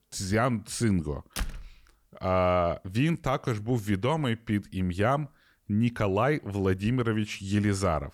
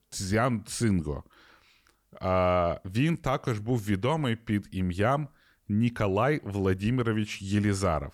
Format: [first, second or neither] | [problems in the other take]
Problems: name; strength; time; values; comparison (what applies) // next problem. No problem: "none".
second | door banging; noticeable; at 1.5 s; peak 9 dB below the speech